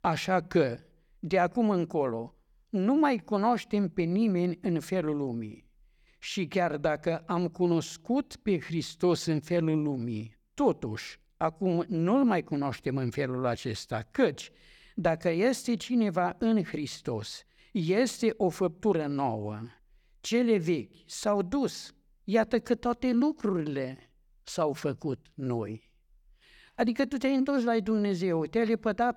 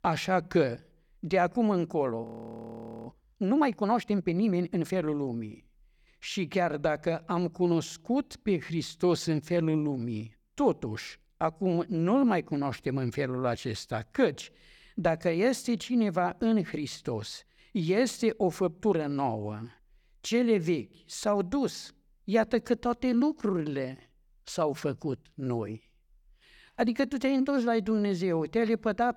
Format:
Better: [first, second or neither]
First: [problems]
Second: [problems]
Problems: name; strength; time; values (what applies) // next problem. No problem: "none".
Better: first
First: none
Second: audio freezing; at 2 s for 1 s